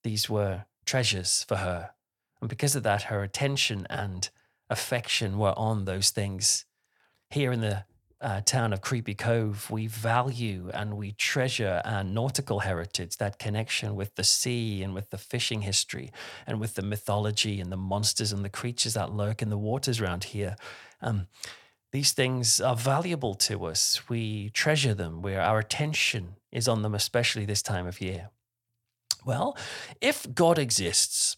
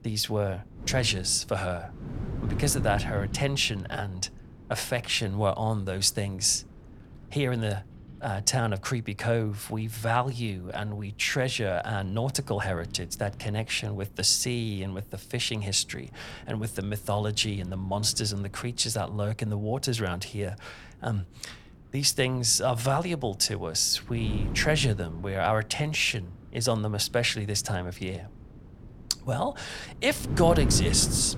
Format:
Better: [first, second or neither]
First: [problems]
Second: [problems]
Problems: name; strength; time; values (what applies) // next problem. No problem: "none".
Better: first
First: none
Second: wind noise on the microphone; occasional gusts; 15 dB below the speech